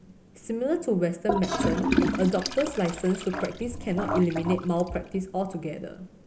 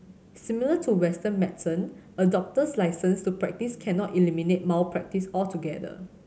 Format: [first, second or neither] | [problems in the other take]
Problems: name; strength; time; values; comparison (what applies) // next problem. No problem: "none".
second | background sound (Toilet flush / Gurgling); 4 dB below the speech